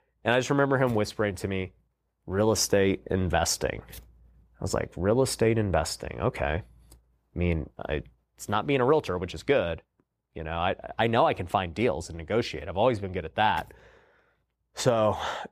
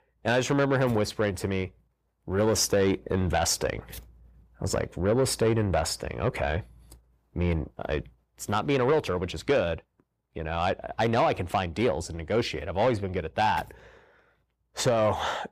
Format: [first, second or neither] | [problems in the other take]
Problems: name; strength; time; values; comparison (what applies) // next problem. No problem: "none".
first | distortion; slight; 10 dB below the speech